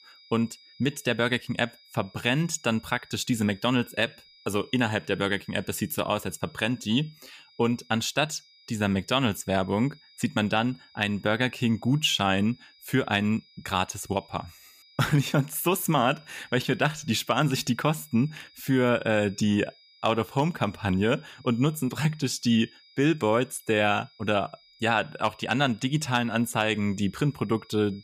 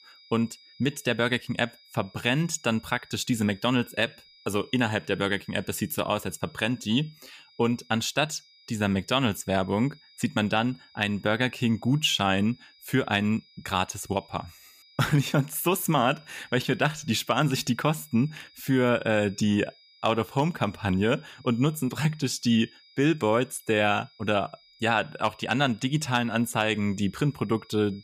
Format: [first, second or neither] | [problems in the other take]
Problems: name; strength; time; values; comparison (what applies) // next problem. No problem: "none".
neither | high-pitched whine; faint; throughout; 5 kHz, 25 dB below the speech; the same in both